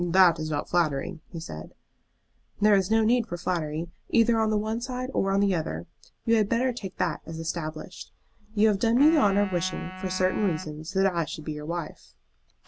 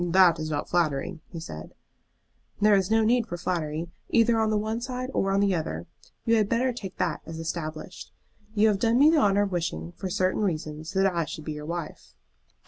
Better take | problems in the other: second | background sound (Wind instrument, woodwind instrument); 15 dB below the speech

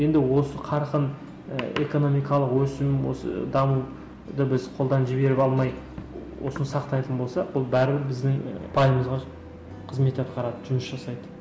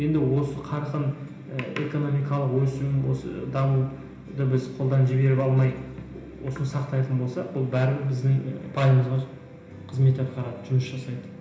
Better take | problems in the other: first | room echo; dies away in 1 s

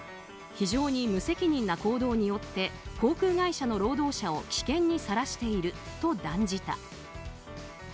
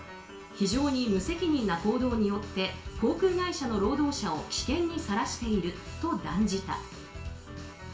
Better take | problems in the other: first | room echo; dies away in 0.4 s

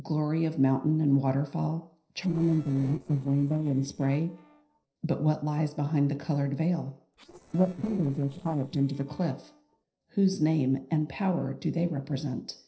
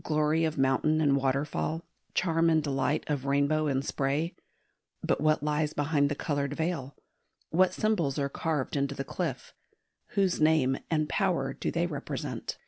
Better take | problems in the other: second | noise reduction (neural separator model SepFormer DNS4)

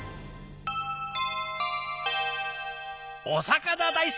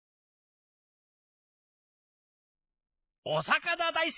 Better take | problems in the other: first | noise reduction (neural mask model Resemble Enhance denoiser)

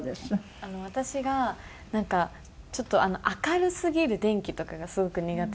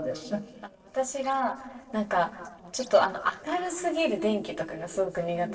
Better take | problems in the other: first | noise reduction (neural separator model SepFormer DNS4)

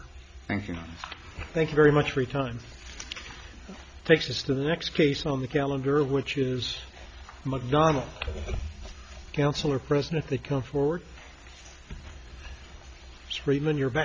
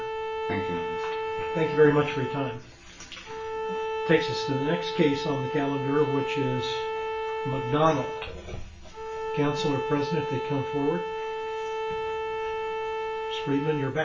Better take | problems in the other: first | background sound (Bowed string instrument); 2 dB below the speech // room echo; dies away in 0.3 s

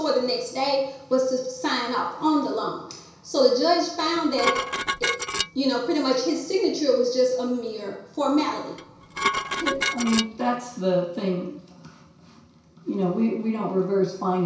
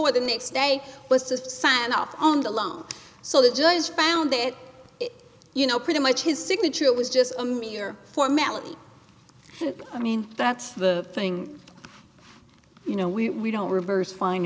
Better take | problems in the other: second | background sound (Dishes, pots, and pans); 4 dB below the speech // room echo; dies away in 0.6 s

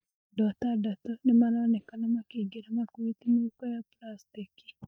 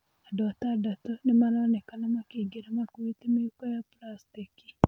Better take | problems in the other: second | noise reduction (neural mask model DeepFilterNet 3)

